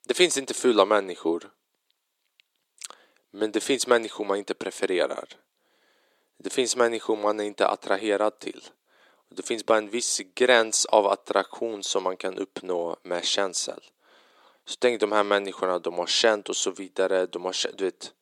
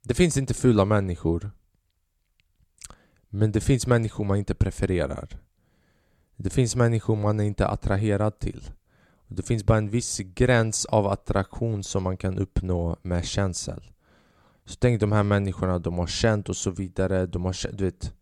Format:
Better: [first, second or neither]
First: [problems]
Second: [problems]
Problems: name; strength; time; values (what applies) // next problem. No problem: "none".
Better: second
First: thin; very; fading below 350 Hz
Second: none